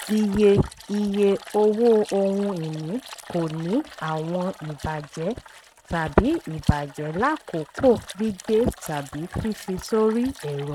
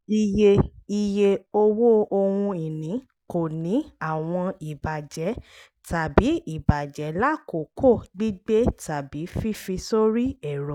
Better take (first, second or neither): second